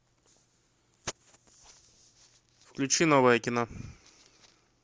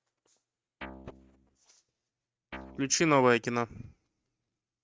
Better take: first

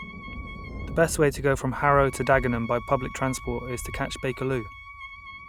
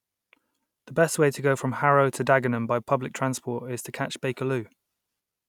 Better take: second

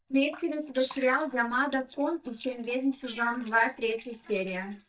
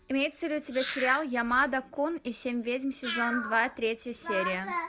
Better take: second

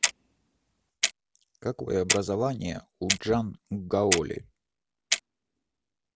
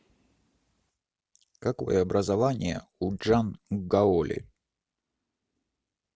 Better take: second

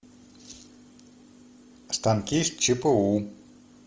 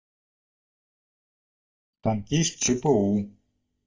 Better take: first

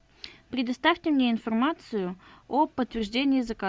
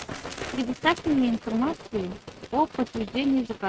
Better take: first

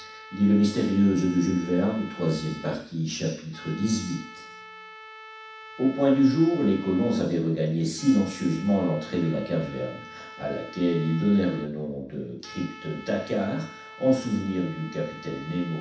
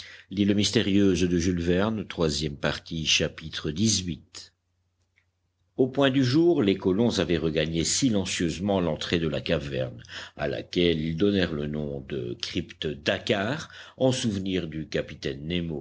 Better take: second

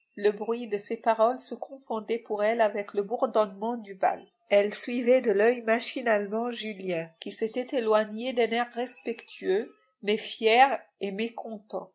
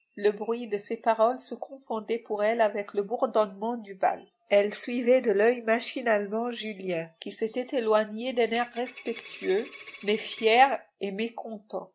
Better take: first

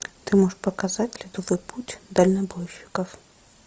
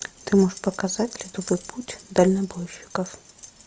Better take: first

